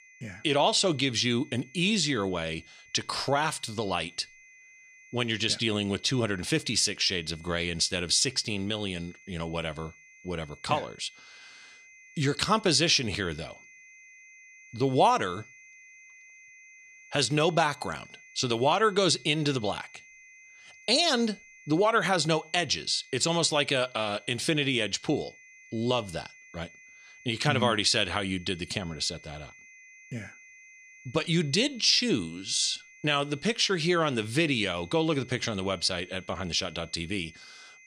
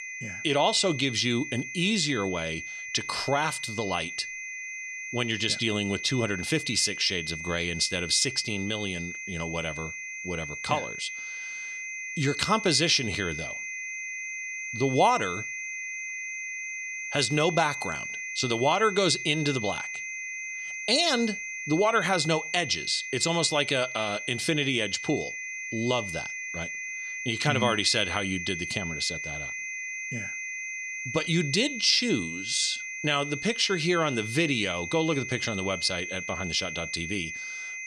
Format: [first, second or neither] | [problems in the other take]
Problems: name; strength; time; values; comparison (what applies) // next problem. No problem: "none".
first | high-pitched whine; loud; throughout; 2 kHz, 7 dB below the speech; faint in the first